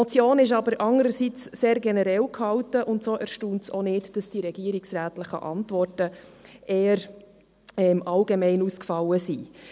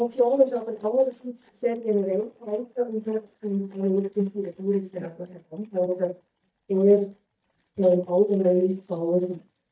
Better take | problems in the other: first | noise reduction (neural mask model DeepFilterNet 3)

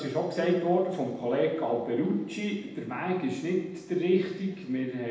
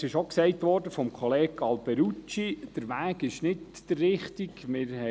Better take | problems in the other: second | room echo; dies away in 0.9 s

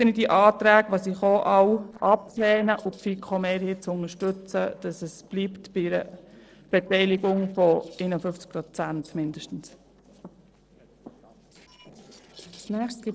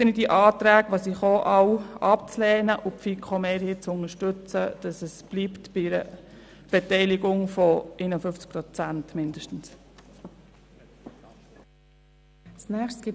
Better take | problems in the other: second | noise reduction (neural separator model SepFormer DNS4)

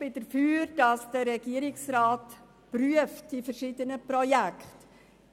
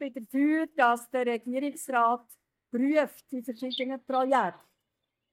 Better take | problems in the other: first | noise reduction (neural mask model DeepFilterNet 3)

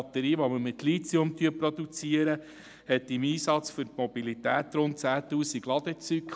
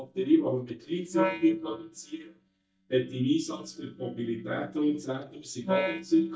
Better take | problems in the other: first | noise reduction (neural mask model DeepFilterNet 3)

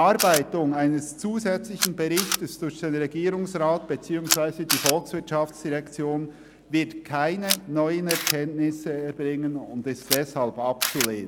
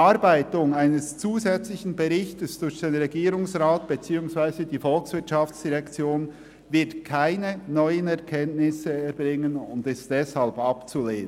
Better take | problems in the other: second | background sound (Camera); 6 dB below the speech

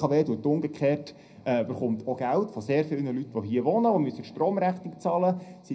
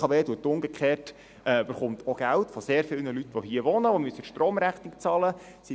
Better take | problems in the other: second | room echo; dies away in 0.3 s

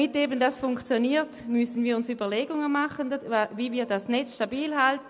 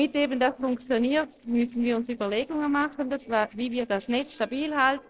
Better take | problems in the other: first | noise reduction (neural separator model SepFormer DNS4)

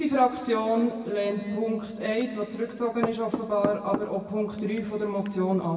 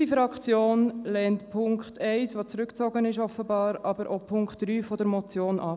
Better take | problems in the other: second | background sound (Knock / Wood); 10 dB below the speech // room echo; dies away in 1.9 s

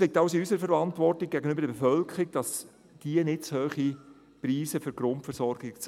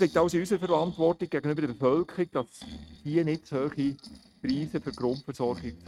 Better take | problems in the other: first | noise reduction (neural mask model RNNoise)

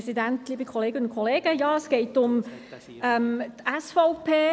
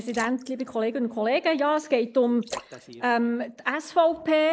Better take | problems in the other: first | noise reduction (neural mask model Resemble Enhance denoiser)

